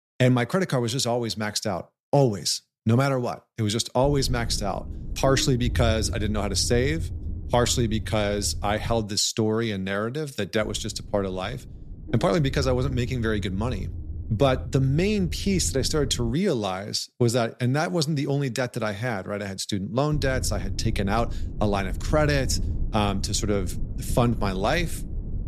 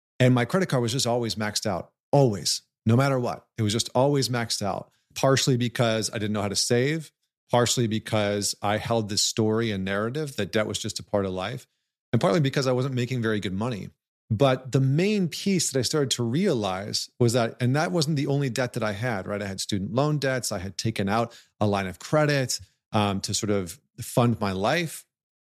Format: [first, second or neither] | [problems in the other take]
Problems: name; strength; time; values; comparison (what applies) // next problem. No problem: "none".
second | low rumble; noticeable; from 4 to 9 s, from 11 to 16 s and from 20 s on; 20 dB below the speech